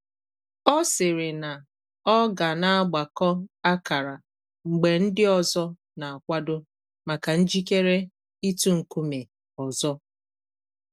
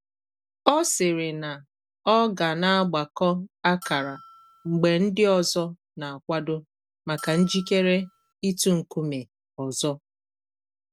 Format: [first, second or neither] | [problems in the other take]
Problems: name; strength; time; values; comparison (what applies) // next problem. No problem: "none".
first | background sound (Bell); 19 dB below the speech